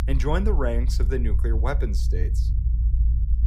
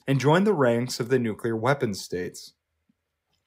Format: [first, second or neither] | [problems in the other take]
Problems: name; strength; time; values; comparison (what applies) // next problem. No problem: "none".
second | low rumble; noticeable; throughout; 15 dB below the speech